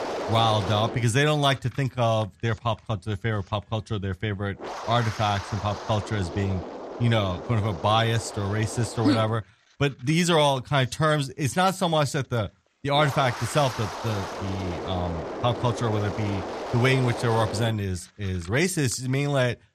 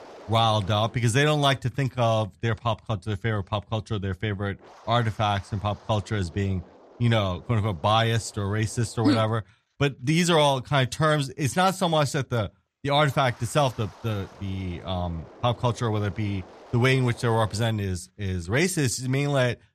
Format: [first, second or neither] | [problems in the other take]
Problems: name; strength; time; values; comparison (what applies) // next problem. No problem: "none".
second | wind noise on the microphone; heavy; 8 dB below the speech; occasional gusts in the second